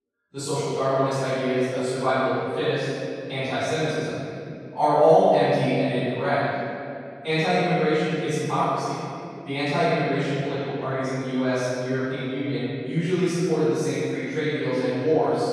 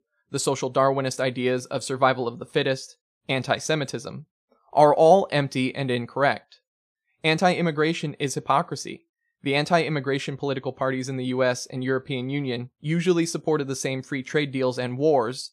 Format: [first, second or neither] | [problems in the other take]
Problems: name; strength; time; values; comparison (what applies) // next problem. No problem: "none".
second | off-mic speech; far // room echo; strong; dies away in 2.3 s